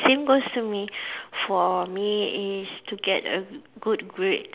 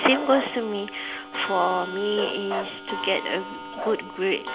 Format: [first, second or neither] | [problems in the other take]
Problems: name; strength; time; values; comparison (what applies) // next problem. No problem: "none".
first | background sound (Bark + Clock); 8 dB below the speech